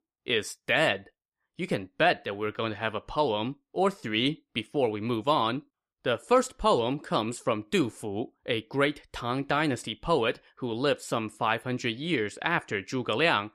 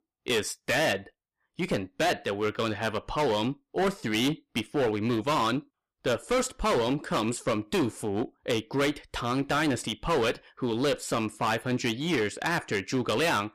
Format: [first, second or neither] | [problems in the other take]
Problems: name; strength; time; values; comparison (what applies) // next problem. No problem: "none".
first | distortion; heavy; 14% of the sound clipped